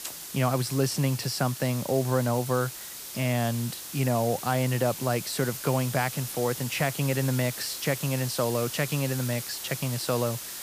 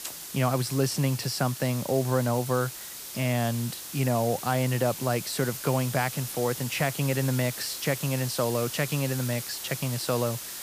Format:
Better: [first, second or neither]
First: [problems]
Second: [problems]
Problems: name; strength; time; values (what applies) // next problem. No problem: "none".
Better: neither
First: hiss; loud; throughout; 8 dB below the speech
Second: hiss; loud; throughout; 8 dB below the speech